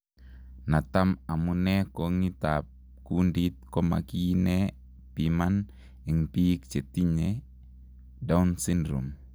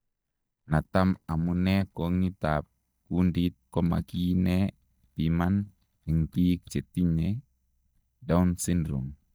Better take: first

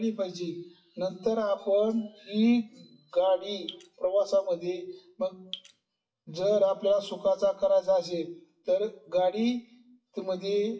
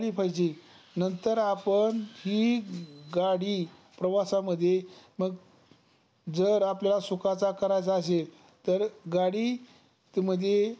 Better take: second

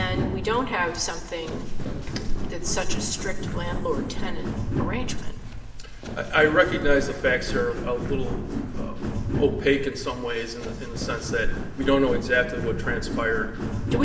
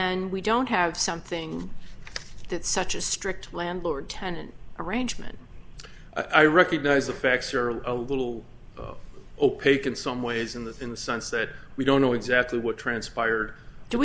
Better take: second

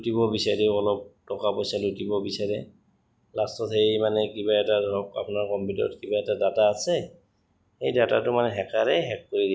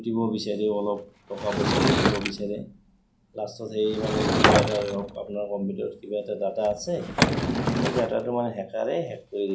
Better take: first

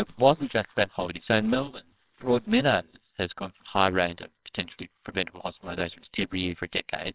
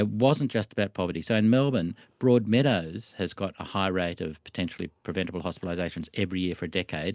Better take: second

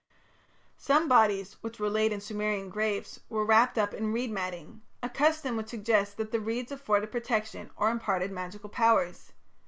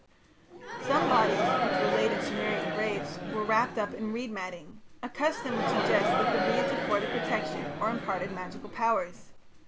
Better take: first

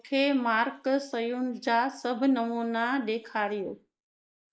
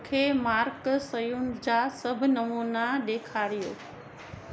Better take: second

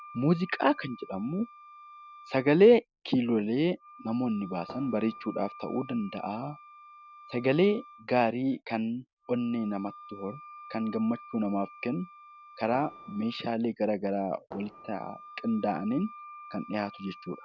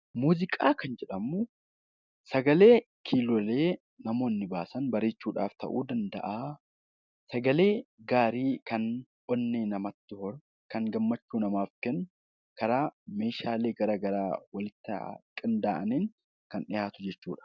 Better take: second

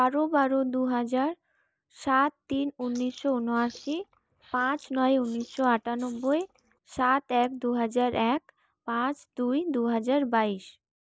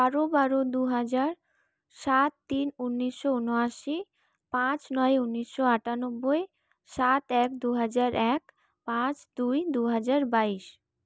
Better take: second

